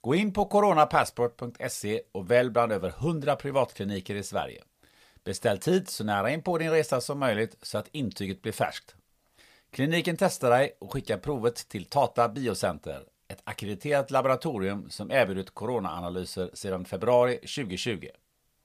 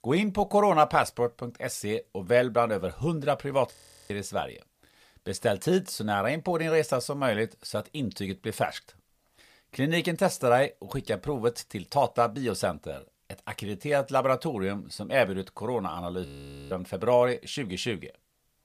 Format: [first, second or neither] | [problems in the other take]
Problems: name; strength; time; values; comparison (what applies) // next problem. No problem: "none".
first | audio freezing; at 3.5 s and at 16 s